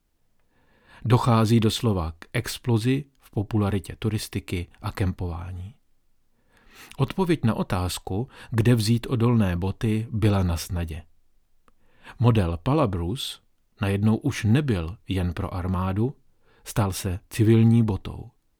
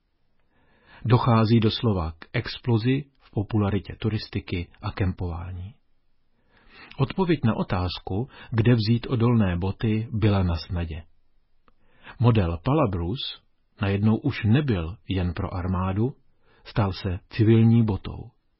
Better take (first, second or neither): first